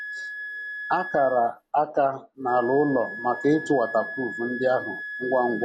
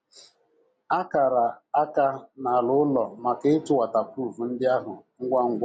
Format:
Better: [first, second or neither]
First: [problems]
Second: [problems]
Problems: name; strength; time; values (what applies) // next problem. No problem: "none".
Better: second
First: background sound (Wind instrument, woodwind instrument); 11 dB below the speech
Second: none